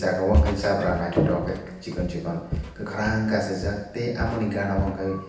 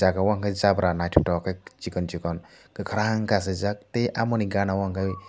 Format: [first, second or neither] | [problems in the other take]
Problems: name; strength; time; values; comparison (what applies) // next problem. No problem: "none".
second | background sound (Walk, footsteps); 4 dB below the speech // room echo; dies away in 0.9 s